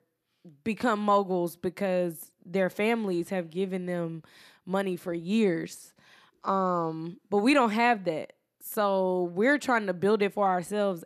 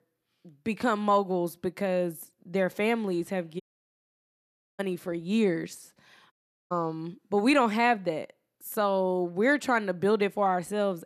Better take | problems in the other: first | audio cutting out; at 3.5 s for 1 s and at 6.5 s

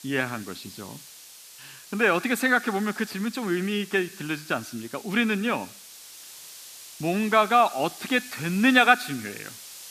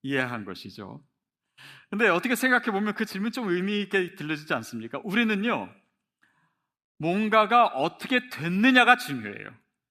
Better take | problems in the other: second | hiss; noticeable; throughout; 20 dB below the speech

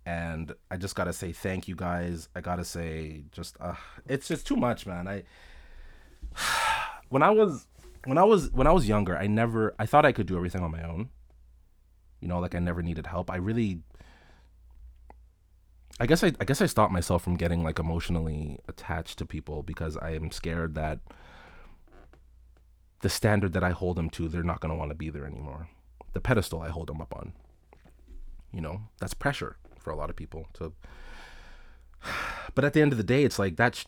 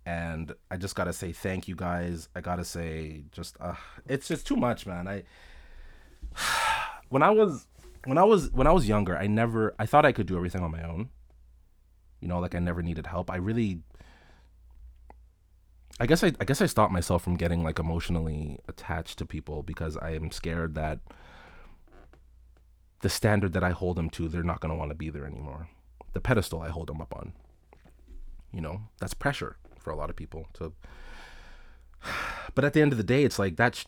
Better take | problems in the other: neither | none

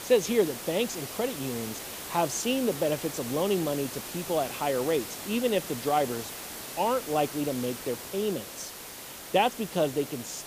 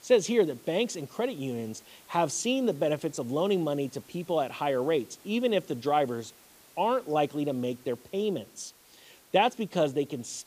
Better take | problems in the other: second | hiss; loud; throughout; 8 dB below the speech; faint in the second

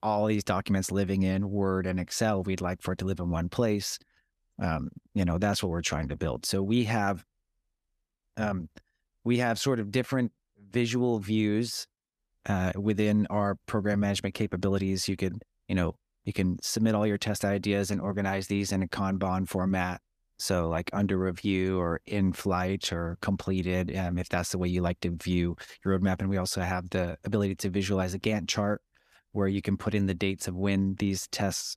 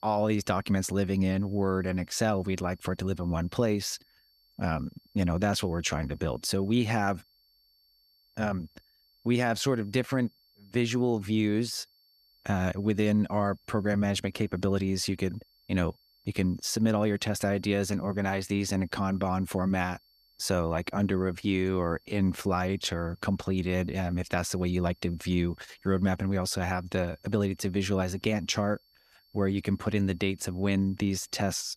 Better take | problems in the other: first | high-pitched whine; faint; throughout; 4.5 kHz, 35 dB below the speech

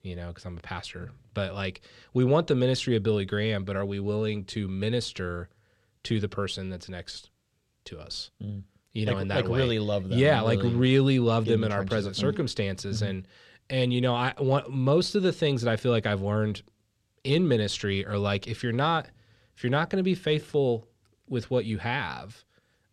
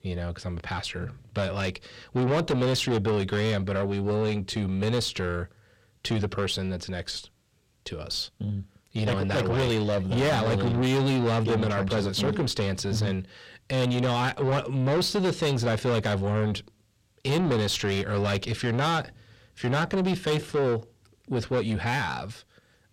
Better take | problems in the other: first | distortion; heavy; 7 dB below the speech

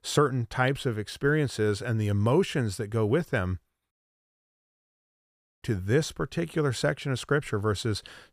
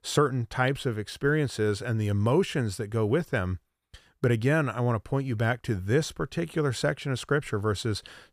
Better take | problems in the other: second | audio cutting out; at 4 s for 1.5 s

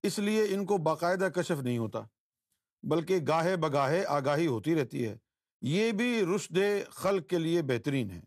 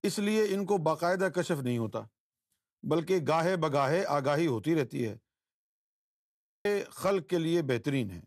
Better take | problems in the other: first | audio freezing; at 5.5 s for 1 s

